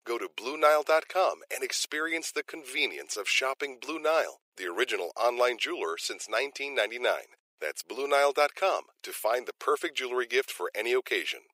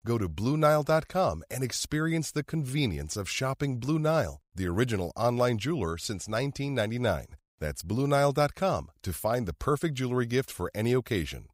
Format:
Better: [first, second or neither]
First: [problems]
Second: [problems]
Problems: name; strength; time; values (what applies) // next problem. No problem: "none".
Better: second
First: thin; very; fading below 400 Hz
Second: none